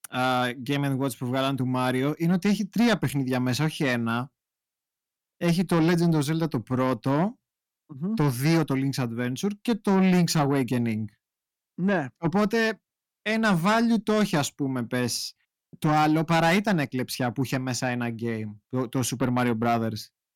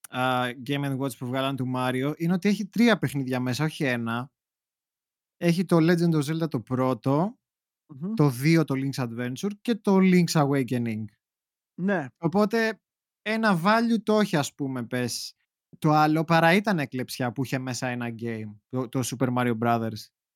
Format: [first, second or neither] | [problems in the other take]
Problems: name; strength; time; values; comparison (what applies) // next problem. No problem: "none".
second | distortion; slight; 10 dB below the speech